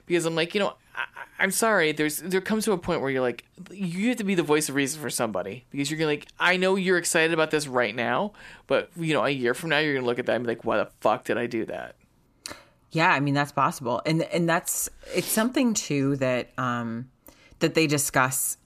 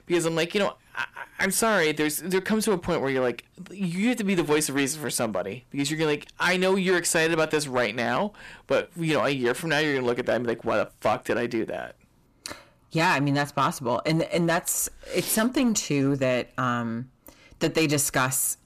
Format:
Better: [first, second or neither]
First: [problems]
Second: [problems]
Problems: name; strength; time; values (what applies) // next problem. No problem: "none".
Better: first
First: none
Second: distortion; slight; 5% of the sound clipped